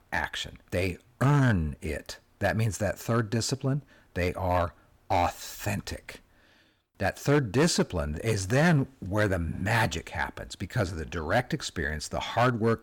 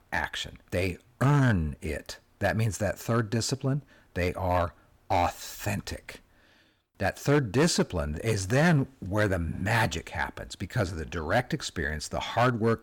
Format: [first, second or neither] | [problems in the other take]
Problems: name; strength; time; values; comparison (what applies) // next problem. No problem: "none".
neither | distortion; slight; 3% of the sound clipped; the same in both